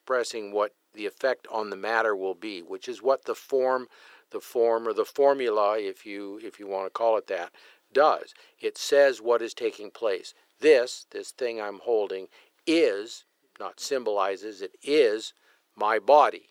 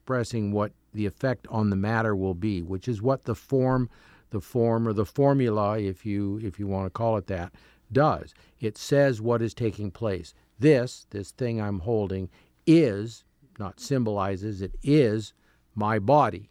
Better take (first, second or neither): second